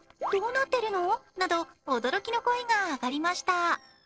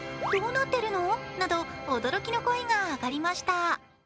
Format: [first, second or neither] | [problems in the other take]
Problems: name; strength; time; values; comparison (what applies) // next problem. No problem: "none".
second | noise reduction (neural separator model SepFormer DNS4)